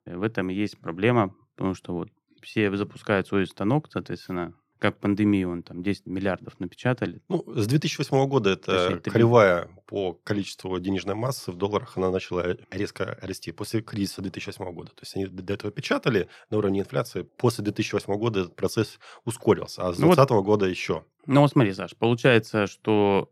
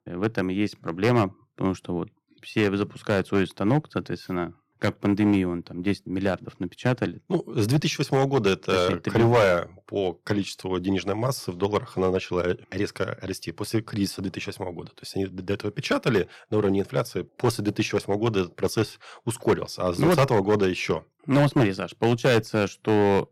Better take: first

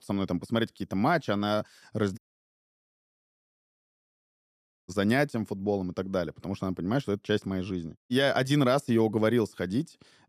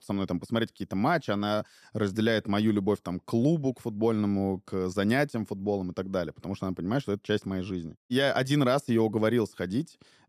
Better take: second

